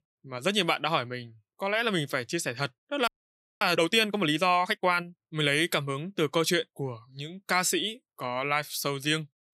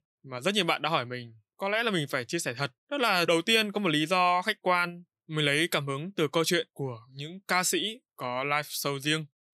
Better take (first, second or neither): second